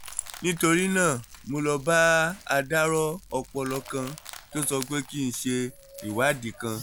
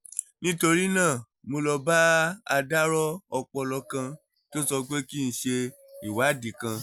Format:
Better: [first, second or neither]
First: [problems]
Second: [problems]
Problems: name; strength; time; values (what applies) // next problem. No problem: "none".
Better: second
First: background sound (Crushing + Fire); 19 dB below the speech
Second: none